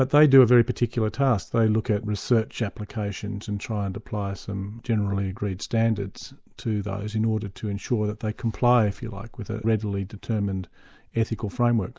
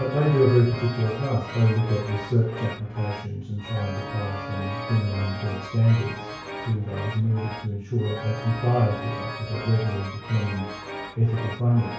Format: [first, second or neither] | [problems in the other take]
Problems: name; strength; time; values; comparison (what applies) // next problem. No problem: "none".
first | background sound (Organ); 11 dB below the speech // room echo; dies away in 0.6 s